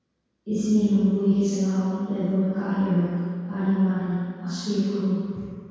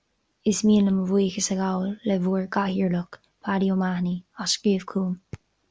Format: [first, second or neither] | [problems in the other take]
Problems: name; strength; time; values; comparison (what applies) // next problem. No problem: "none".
second | room echo; dies away in 2 s